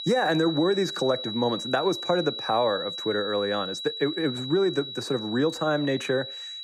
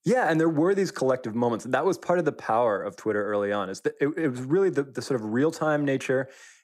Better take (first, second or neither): second